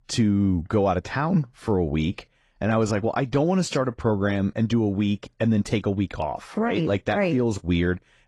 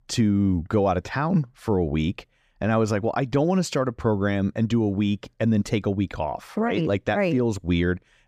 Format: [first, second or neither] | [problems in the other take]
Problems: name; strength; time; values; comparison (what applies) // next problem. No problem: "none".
second | garbled, watery; slightly; nothing above 11 kHz